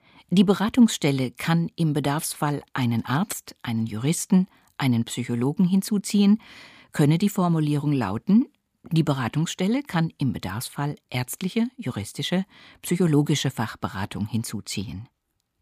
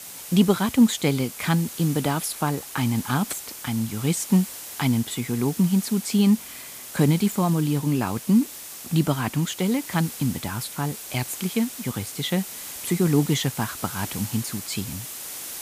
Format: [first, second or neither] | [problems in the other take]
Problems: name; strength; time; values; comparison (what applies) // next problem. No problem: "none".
first | hiss; noticeable; throughout; 10 dB below the speech